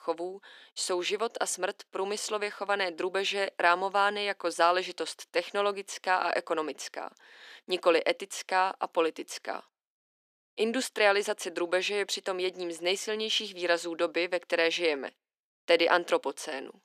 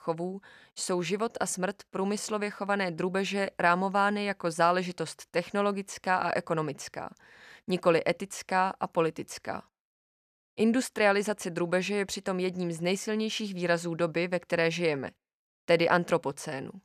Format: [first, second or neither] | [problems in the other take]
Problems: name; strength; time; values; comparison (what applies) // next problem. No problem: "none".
second | thin; somewhat; fading below 300 Hz